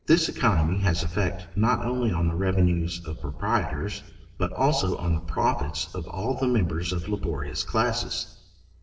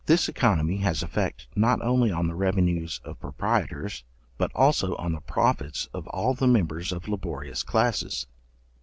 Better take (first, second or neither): second